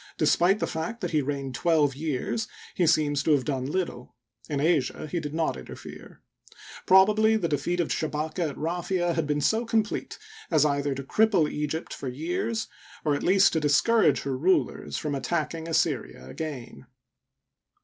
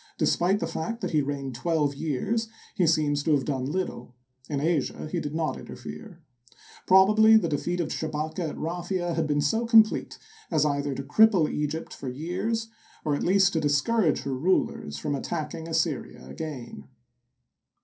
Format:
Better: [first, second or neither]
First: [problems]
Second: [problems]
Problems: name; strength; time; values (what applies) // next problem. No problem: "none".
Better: first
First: none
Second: room echo; dies away in 0.3 s